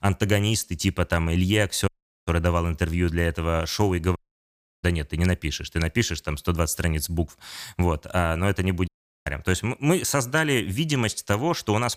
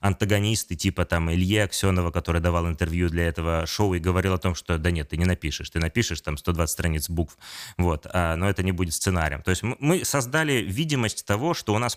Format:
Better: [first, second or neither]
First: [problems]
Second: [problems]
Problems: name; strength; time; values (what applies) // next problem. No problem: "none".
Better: second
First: audio cutting out; at 2 s, at 4 s for 0.5 s and at 9 s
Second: none